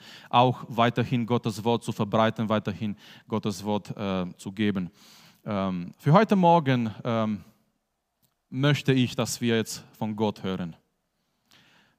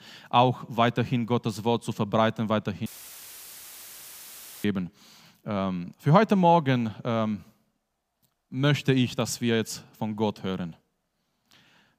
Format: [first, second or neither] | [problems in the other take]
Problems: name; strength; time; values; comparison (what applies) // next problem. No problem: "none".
first | audio cutting out; filled with static; at 3 s for 2 s